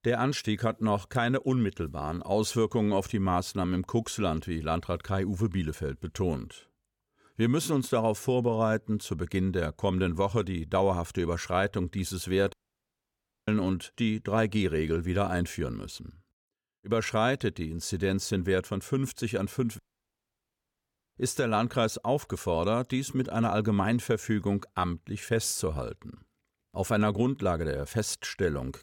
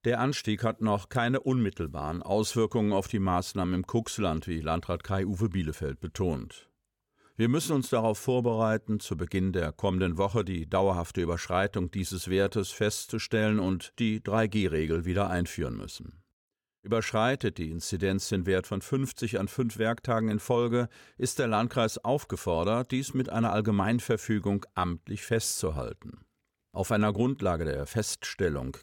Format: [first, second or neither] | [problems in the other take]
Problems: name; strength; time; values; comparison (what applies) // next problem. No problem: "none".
second | audio cutting out; at 13 s for 1 s and at 20 s for 1.5 s